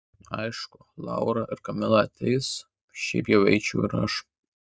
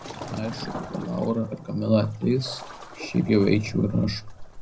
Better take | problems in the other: first | background sound (Waves, surf); 12 dB below the speech // room echo; dies away in 0.4 s

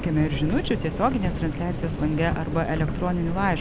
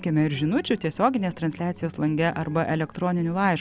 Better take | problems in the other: second | background sound (Subway, metro, underground); 3 dB below the speech

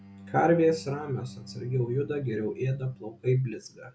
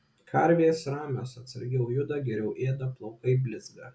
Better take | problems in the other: second | background sound (Bowed string instrument); 19 dB below the speech

